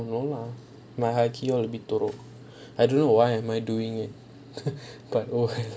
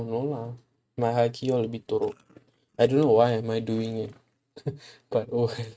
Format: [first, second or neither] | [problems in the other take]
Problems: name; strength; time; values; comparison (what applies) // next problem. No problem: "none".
first | noise reduction (neural mask model RNNoise)